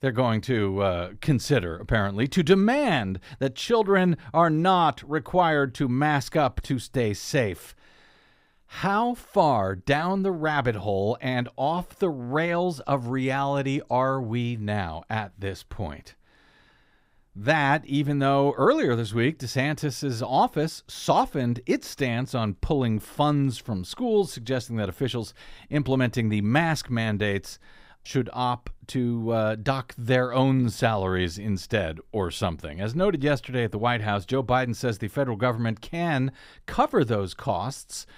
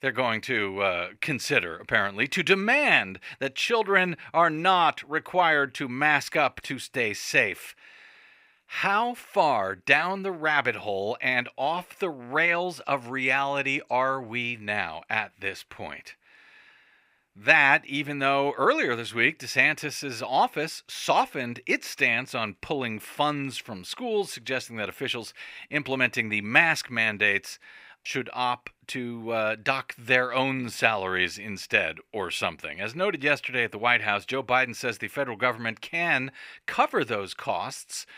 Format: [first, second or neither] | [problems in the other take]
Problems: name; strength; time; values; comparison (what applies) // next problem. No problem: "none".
first | thin; somewhat; fading below 600 Hz